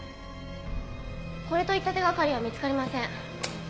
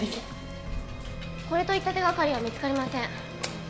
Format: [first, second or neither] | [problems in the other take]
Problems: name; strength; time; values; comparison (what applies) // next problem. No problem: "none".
first | background sound (Dog); 12 dB below the speech